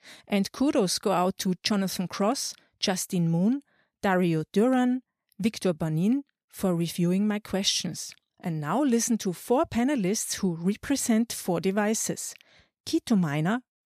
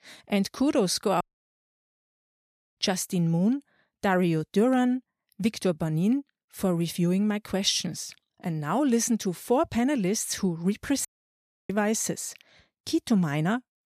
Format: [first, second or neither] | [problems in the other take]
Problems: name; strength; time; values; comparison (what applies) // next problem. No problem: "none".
first | audio cutting out; at 1 s for 1.5 s and at 11 s for 0.5 s